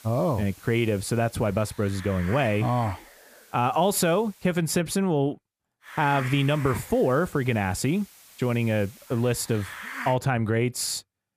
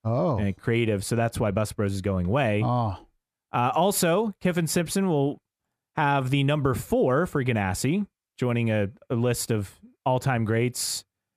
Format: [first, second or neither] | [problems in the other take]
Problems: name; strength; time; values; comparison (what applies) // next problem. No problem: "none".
second | hiss; noticeable; until 4.5 s and from 6 to 10 s; 15 dB below the speech